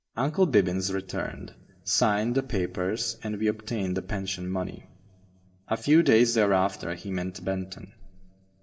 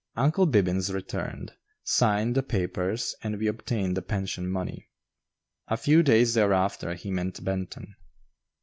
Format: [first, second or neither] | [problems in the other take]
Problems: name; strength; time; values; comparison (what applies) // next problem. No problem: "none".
second | room echo; dies away in 0.4 s